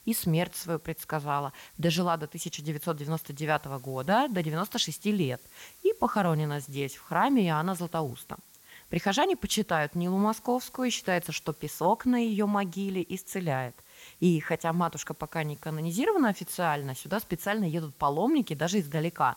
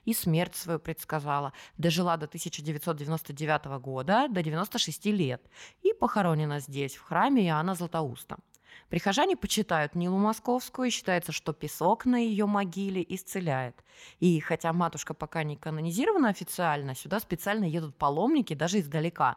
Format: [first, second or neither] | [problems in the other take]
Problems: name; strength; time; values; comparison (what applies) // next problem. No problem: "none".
second | hiss; faint; throughout; 25 dB below the speech